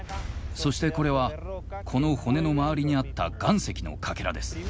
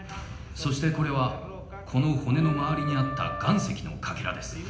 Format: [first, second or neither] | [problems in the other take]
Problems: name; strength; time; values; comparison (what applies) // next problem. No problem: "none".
first | background sound (Wind instrument, woodwind instrument); 10 dB below the speech // room echo; dies away in 0.8 s